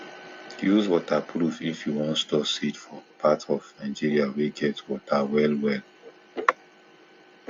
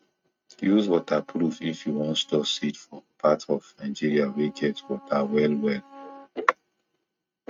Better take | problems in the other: first | noise reduction (neural mask model RNNoise)

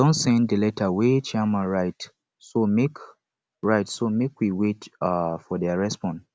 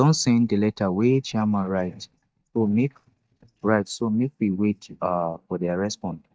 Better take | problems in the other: first | noise reduction (neural mask model DeepFilterNet 3)

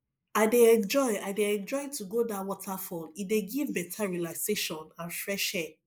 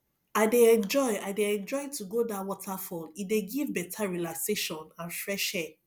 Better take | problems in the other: second | noise reduction (neural mask model Resemble Enhance denoiser)

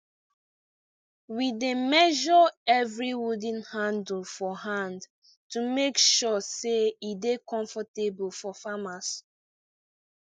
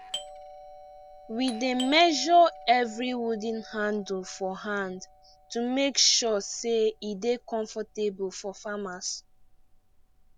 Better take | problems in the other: first | background sound (Doorbell); 18 dB below the speech

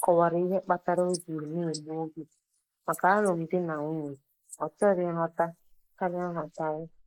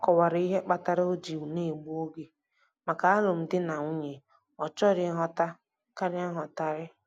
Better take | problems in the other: second | noise reduction (neural mask model Resemble Enhance denoiser)

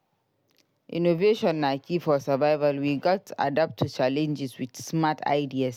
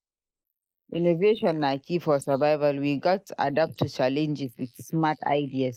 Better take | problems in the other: first | noise reduction (neural mask model Resemble Enhance denoiser)

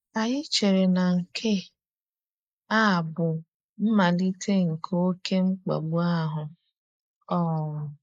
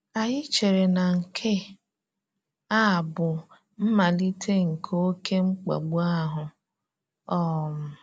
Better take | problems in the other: second | noise reduction (neural mask model Resemble Enhance denoiser)

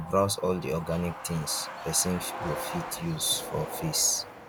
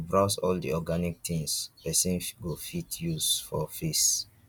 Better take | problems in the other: second | background sound (Truck); 9 dB below the speech

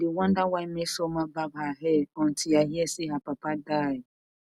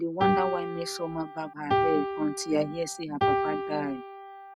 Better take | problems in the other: first | background sound (Piano); 2 dB above the speech

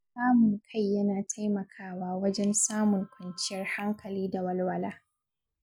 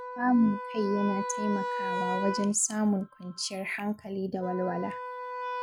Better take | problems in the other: first | background sound (Wind instrument, woodwind instrument); 6 dB below the speech

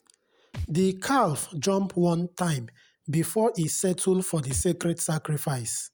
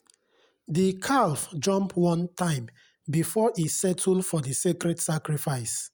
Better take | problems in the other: second | background sound (Thump, thud); 18 dB below the speech

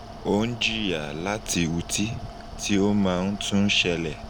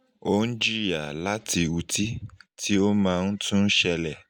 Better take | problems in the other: second | background sound (Mechanical fan); 13 dB below the speech

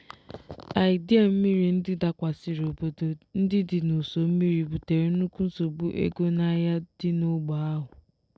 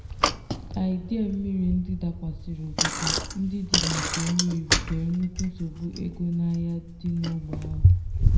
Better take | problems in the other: first | background sound (Bicycle); 2 dB above the speech // room echo; dies away in 0.7 s

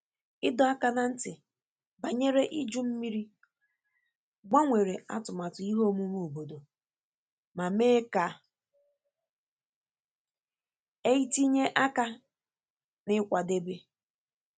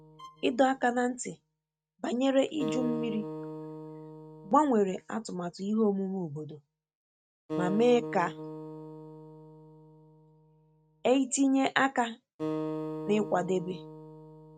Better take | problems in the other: first | noise reduction (neural mask model RNNoise)

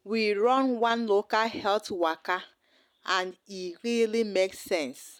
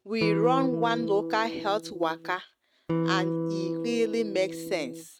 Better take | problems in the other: first | noise reduction (neural mask model RNNoise)

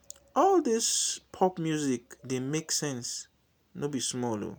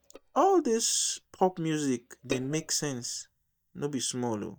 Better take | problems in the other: first | noise reduction (neural mask model DeepFilterNet 3)

